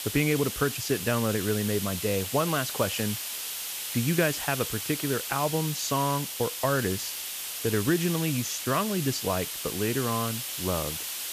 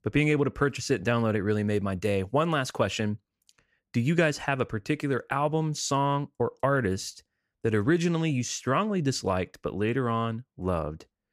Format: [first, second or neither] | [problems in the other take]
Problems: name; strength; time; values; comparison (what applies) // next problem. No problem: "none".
second | hiss; loud; throughout; 4 dB below the speech